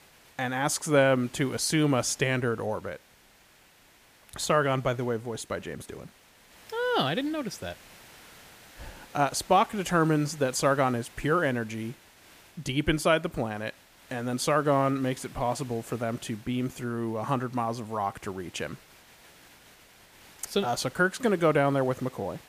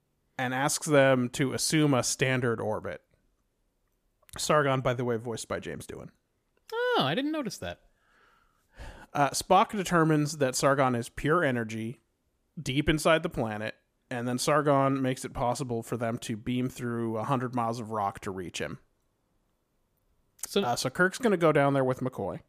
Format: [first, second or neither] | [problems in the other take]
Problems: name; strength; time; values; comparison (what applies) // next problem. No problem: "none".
second | hiss; faint; throughout; 25 dB below the speech